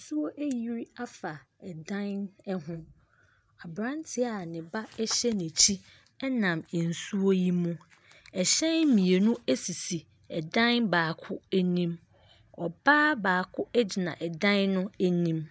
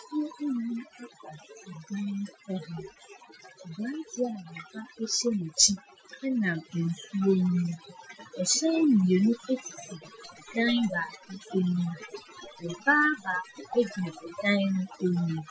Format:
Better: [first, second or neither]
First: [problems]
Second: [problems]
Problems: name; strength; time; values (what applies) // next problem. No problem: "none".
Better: first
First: none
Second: noise reduction (classical method Wiener filter)